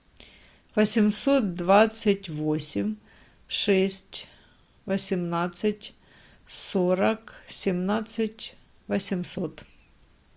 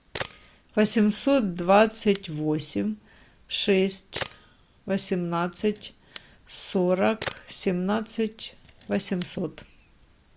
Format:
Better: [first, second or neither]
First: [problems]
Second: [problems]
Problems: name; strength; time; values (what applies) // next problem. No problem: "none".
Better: first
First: none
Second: background sound (Camera); 18 dB below the speech